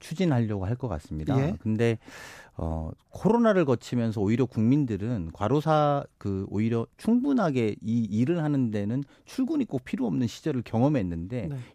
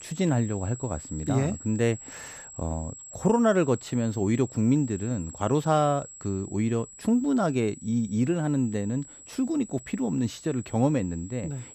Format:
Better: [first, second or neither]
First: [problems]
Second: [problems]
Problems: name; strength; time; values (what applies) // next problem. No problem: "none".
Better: first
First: none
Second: high-pitched whine; noticeable; throughout; 7.5 kHz, 15 dB below the speech